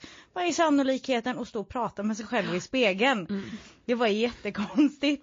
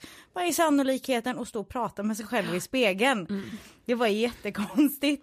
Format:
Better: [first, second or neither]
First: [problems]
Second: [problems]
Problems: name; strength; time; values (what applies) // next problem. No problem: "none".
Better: second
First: garbled, watery; slightly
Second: none